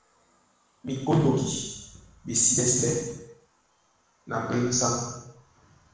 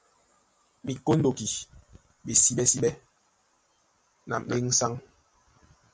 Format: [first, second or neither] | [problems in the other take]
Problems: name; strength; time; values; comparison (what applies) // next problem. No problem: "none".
second | room echo; dies away in 0.9 s